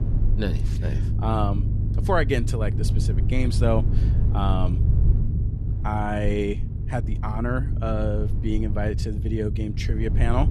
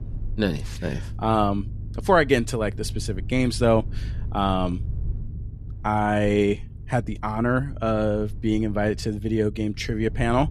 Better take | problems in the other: second | low rumble; loud; throughout; 10 dB below the speech; faint in the second

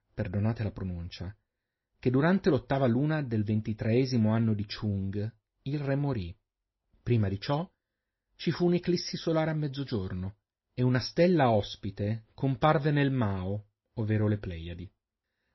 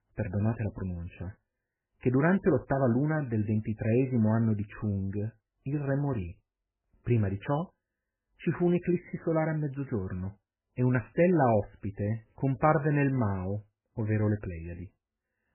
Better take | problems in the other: first | garbled, watery; badly; nothing above 2.5 kHz; slightly in the first

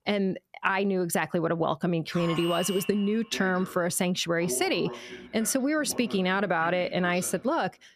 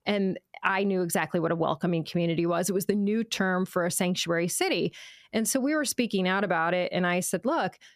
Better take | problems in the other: second | alarm; noticeable; from 2 to 7.5 s; peak 7 dB below the speech

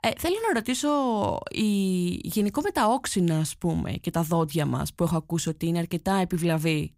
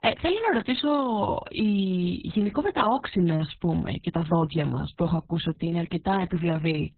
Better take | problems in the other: first | garbled, watery; badly; nothing above 4 kHz

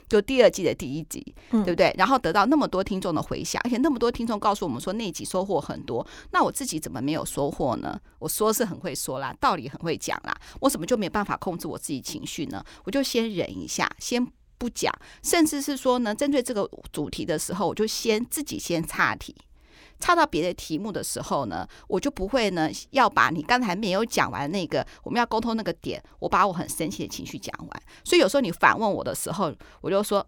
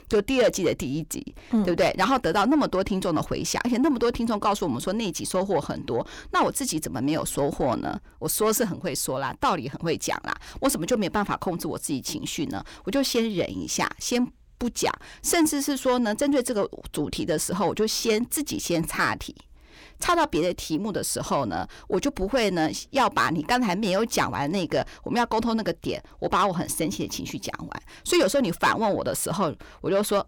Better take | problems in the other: first | distortion; slight; 10 dB below the speech

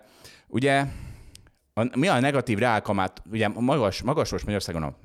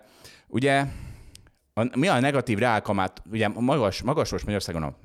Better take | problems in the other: neither | none

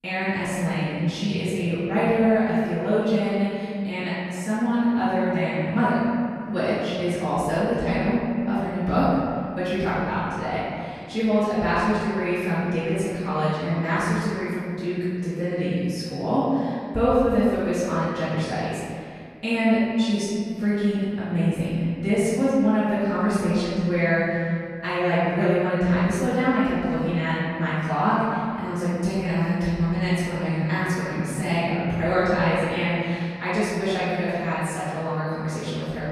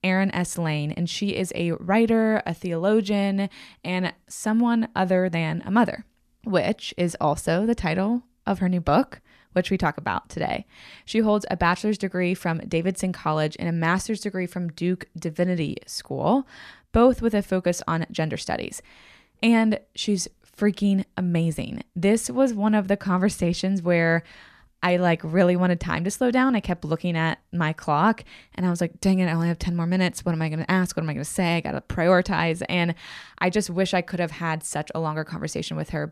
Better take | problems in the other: second | off-mic speech; far // room echo; strong; dies away in 2.1 s

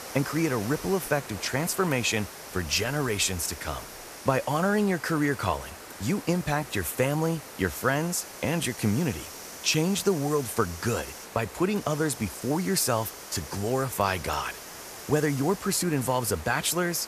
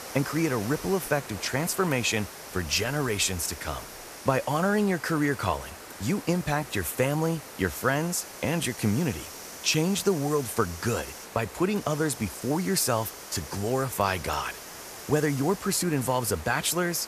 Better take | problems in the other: neither | hiss; noticeable; throughout; 15 dB below the speech; the same in both

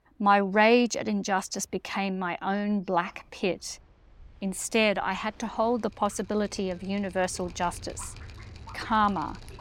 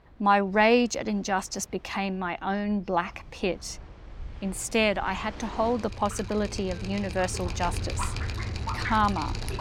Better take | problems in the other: first | rain or running water; loud; throughout; 8 dB below the speech; faint in the first

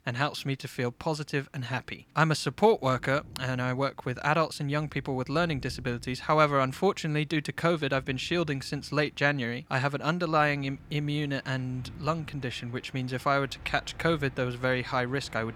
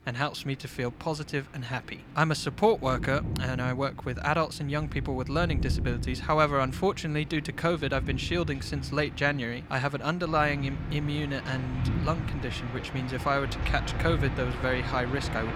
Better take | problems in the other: first | rain or running water; loud; throughout; 6 dB below the speech; faint in the first

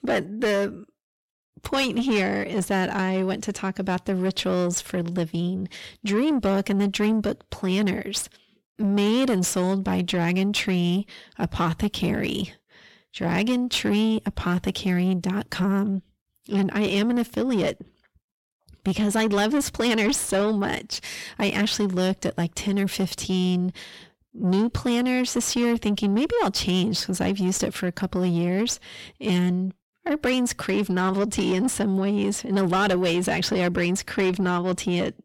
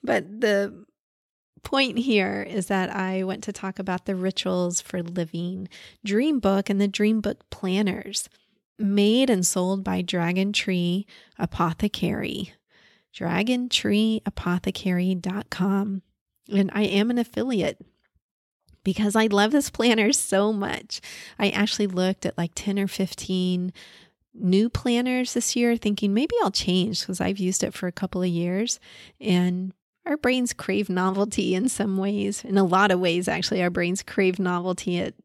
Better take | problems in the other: second | distortion; slight; 10 dB below the speech

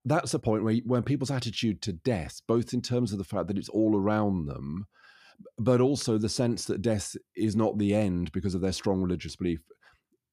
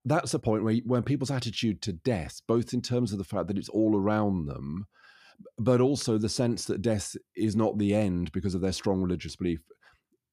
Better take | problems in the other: neither | none

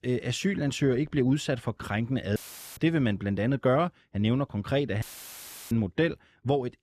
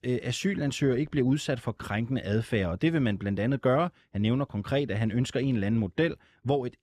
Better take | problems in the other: second | audio cutting out; filled with static; at 2.5 s and at 5 s for 0.5 s

